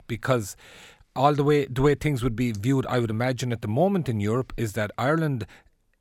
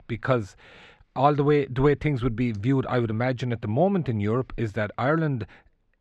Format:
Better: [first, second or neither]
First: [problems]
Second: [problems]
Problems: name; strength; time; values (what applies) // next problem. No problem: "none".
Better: first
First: none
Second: muffled; slightly; fading above 3 kHz